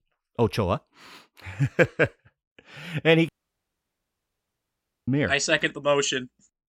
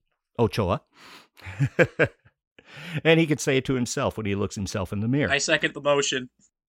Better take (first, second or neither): second